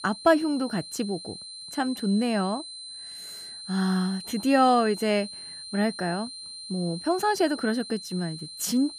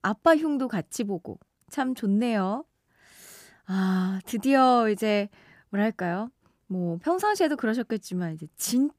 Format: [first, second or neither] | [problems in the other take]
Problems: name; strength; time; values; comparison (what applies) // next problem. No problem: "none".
second | high-pitched whine; noticeable; throughout; 4 kHz, 10 dB below the speech